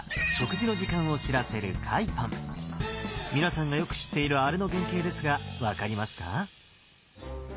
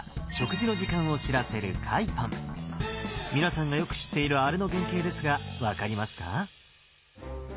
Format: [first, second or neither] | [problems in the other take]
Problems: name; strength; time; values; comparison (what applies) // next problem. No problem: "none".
second | background sound (Livestock, farm animals, working animals); 14 dB below the speech